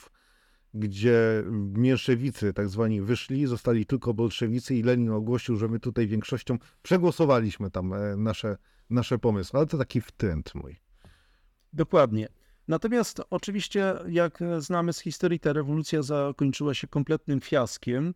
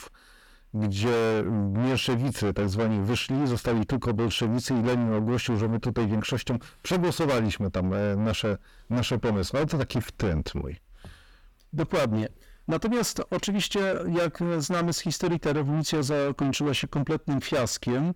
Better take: first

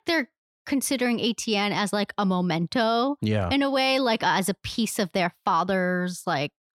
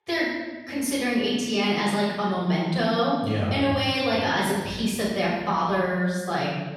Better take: first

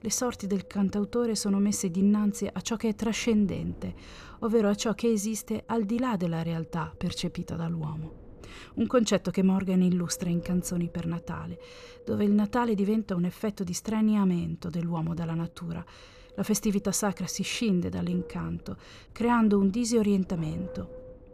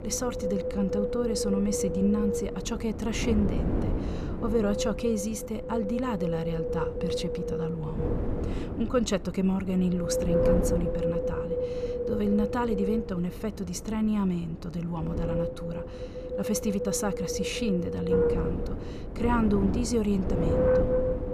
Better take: first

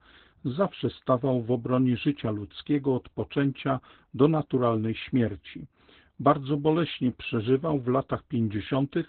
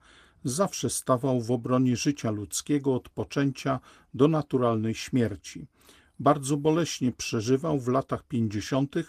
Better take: second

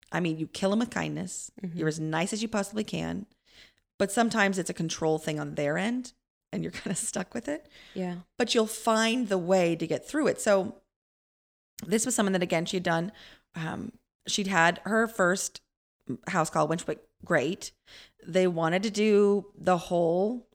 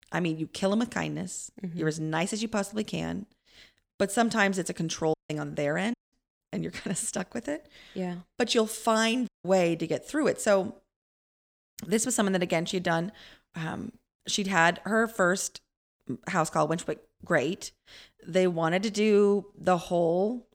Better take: first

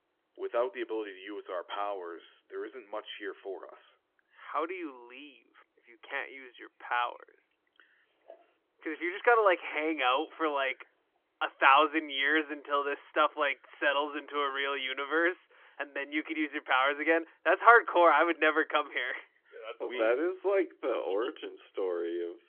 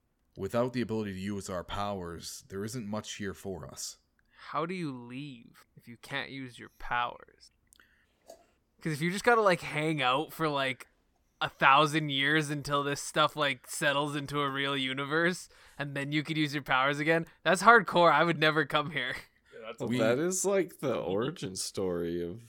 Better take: second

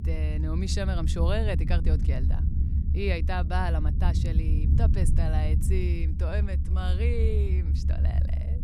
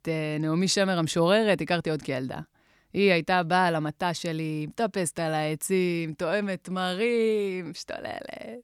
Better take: second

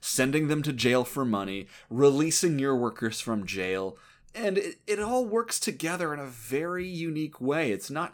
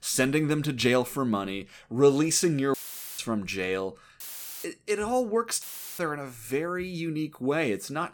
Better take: first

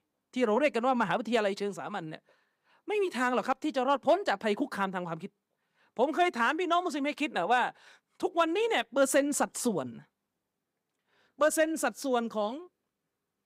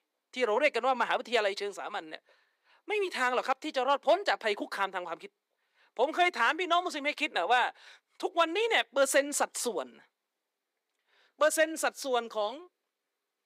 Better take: first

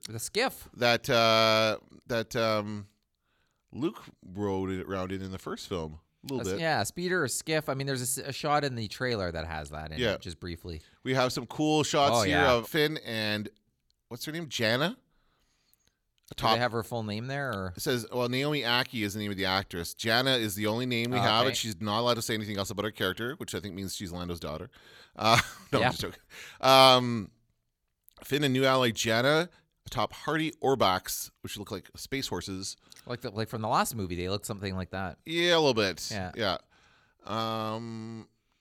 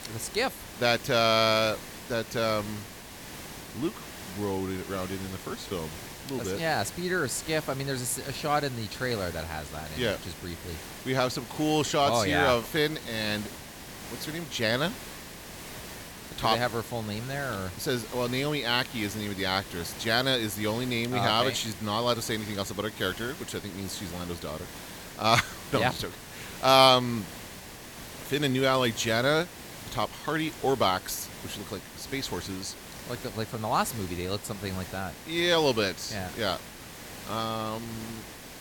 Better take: first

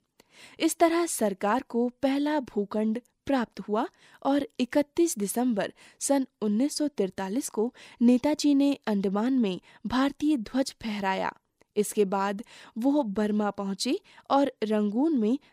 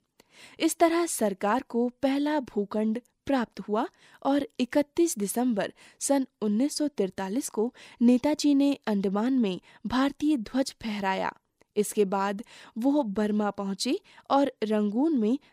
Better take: neither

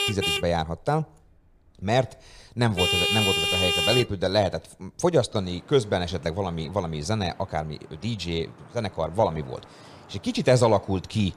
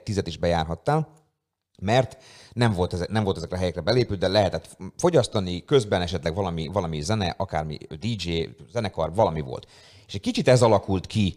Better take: second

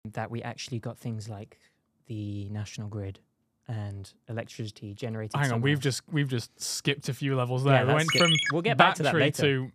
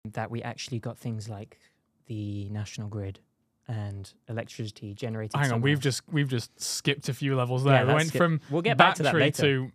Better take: second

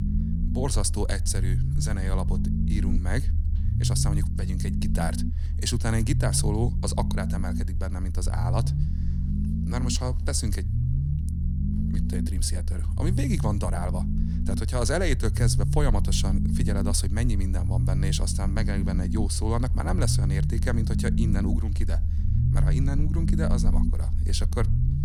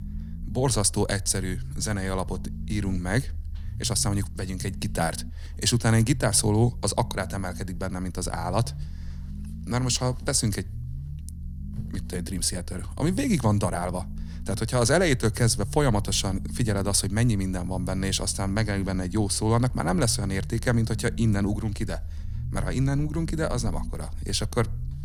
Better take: second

